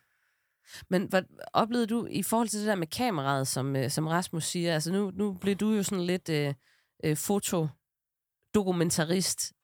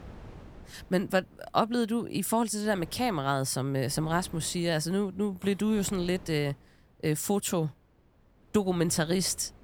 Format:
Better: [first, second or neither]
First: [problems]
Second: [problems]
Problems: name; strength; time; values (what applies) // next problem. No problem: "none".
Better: first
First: none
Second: wind noise on the microphone; occasional gusts; 25 dB below the speech